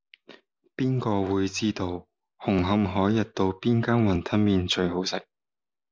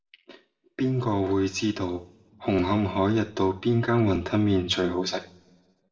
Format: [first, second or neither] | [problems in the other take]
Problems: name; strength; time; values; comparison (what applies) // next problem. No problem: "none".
first | room echo; dies away in 0.6 s